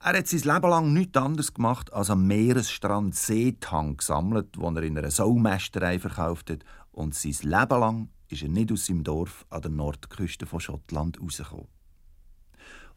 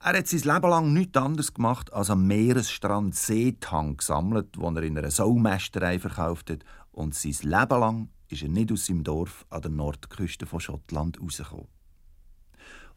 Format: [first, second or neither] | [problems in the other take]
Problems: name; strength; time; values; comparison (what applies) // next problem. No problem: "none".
neither | none